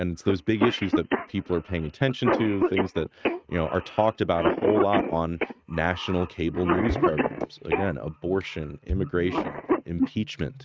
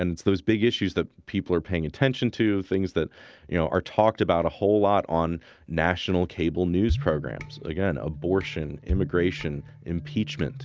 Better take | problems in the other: second | noise reduction (neural mask model RNNoise)

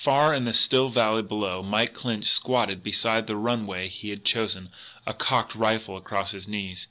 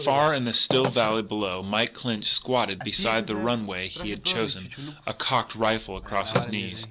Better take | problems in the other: first | background sound (Telephone); 9 dB below the speech

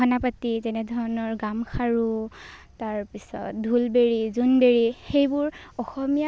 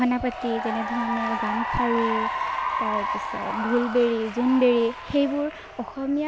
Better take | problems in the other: first | background sound (Applause / Cheering); 4 dB below the speech

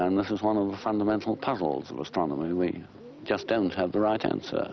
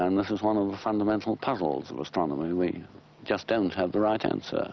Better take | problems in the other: second | background sound (Bird); 19 dB below the speech

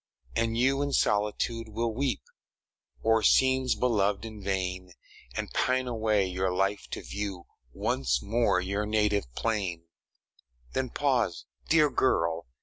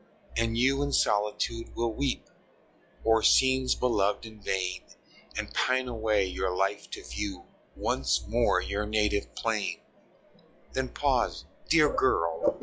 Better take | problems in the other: first | noise reduction (classical method log-MMSE)

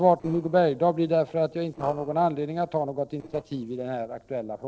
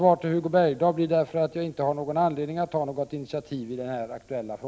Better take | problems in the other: second | noise reduction (neural separator model SepFormer DNS4)

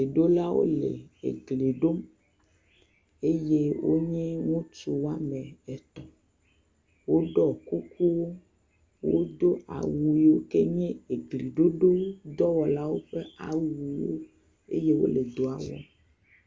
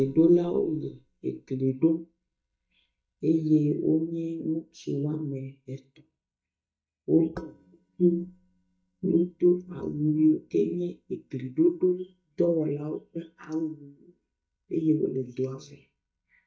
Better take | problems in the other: first | noise reduction (neural mask model DeepFilterNet 3)

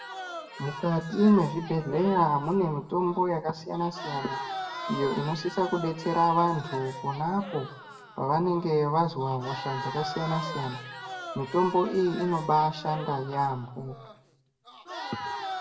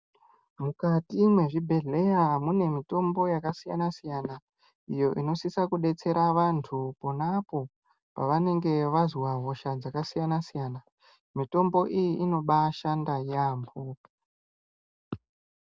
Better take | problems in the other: second | background sound (Crowd); 11 dB below the speech // room echo; dies away in 0.6 s

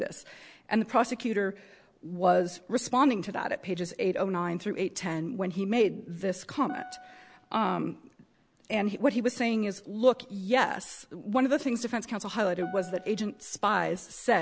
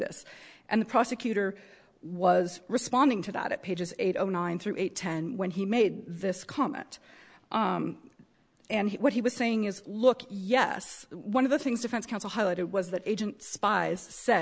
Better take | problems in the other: second | background sound (Piano); 19 dB below the speech

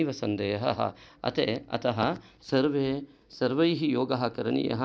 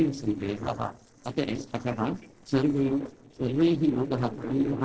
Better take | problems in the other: first | noise reduction (neural separator model SepFormer DNS4)

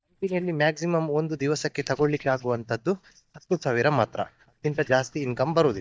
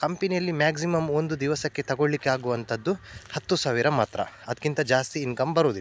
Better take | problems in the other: second | noise reduction (neural mask model DeepFilterNet 3)

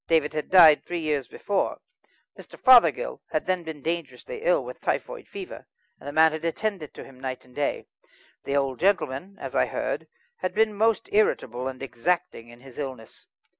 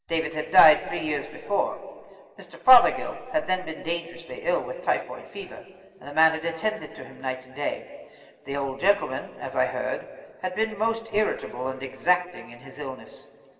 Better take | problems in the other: first | room echo; dies away in 2.2 s

